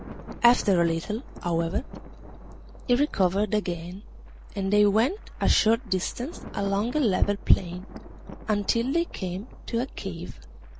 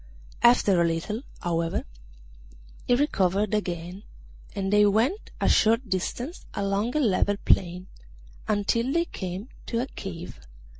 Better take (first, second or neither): second